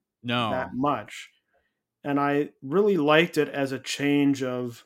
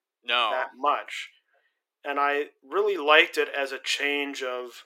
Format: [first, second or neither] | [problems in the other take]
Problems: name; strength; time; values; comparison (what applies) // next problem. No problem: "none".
first | thin; very; fading below 400 Hz